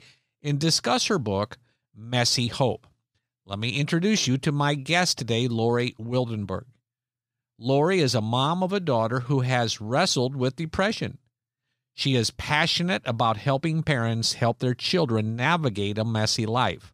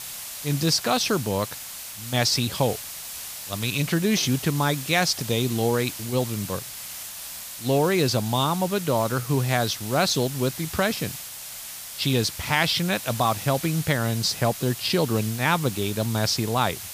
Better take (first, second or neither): first